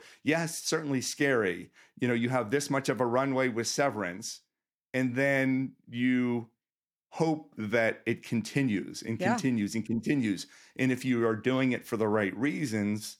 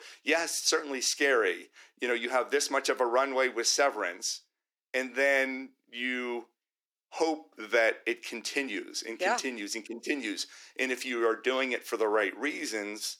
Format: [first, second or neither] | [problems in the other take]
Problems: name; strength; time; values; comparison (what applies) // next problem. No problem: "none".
first | thin; somewhat; fading below 350 Hz